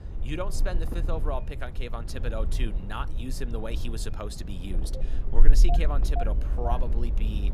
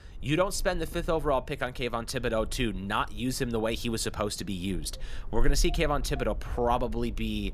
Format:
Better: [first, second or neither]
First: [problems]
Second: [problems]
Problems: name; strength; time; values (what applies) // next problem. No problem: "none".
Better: second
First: low rumble; loud; throughout; 6 dB below the speech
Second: low rumble; faint; throughout; 25 dB below the speech